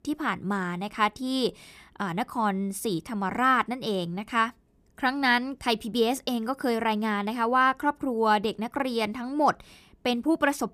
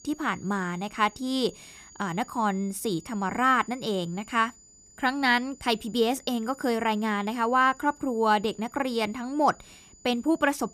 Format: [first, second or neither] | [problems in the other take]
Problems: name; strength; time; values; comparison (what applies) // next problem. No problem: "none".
first | high-pitched whine; faint; throughout; 7 kHz, 25 dB below the speech